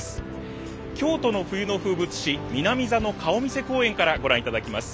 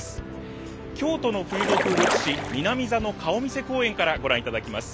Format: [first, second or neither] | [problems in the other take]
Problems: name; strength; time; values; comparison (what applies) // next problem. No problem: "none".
first | background sound (Splash, splatter); as loud as the speech